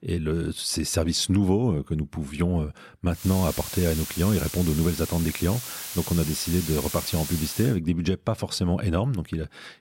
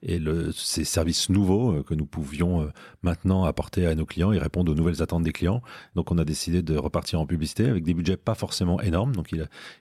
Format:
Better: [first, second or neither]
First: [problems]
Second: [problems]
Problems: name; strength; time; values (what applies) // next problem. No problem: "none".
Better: second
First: hiss; loud; from 3 to 7.5 s; 7 dB below the speech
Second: none